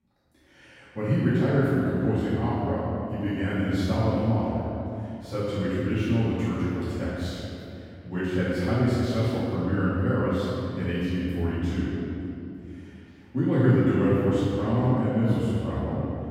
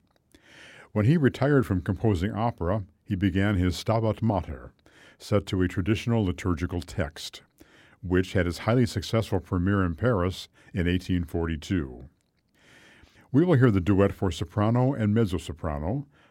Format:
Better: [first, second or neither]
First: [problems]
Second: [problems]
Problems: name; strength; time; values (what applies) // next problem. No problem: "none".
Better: second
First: off-mic speech; far // room echo; strong; dies away in 2.5 s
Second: none